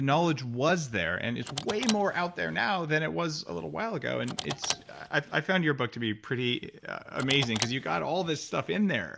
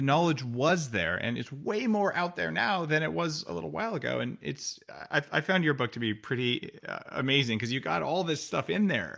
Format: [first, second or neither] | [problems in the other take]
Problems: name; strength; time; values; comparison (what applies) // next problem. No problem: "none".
second | background sound (Car); 12 dB below the speech